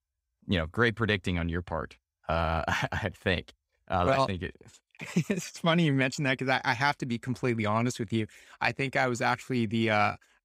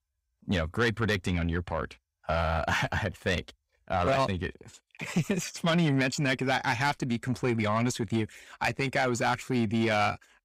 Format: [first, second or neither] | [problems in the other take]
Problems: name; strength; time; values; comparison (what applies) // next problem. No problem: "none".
first | distortion; slight; 10 dB below the speech